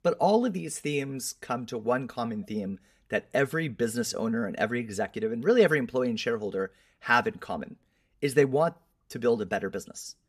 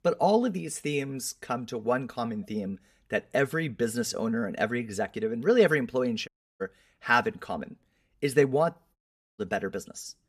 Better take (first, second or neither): first